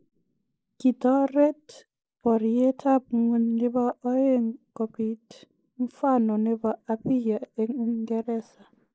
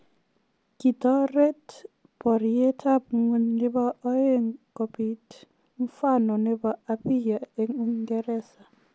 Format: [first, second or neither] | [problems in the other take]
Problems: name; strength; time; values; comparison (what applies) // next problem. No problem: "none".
second | noise reduction (neural mask model Resemble Enhance denoiser)